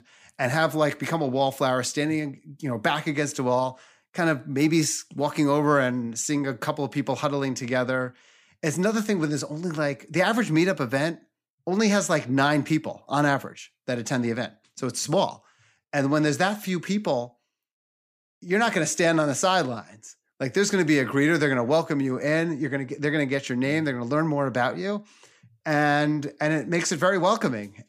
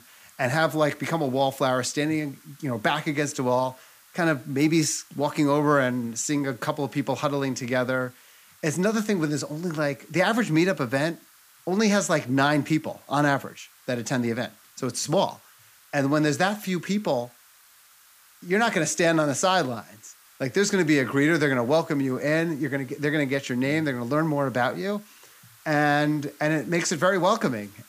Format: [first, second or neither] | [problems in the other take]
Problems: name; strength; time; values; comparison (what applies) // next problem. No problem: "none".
first | hiss; faint; throughout; 25 dB below the speech